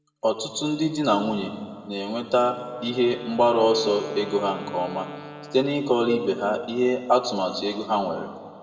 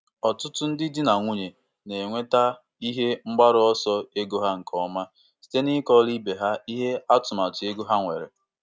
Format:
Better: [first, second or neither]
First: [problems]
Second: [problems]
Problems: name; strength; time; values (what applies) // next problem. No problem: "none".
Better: second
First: background sound (Wind instrument, woodwind instrument); 19 dB below the speech // room echo; dies away in 1.7 s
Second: none